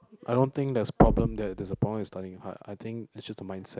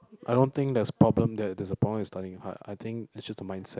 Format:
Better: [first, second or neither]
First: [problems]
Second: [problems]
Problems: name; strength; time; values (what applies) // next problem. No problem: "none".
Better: second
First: background sound (Knock); 3 dB below the speech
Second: none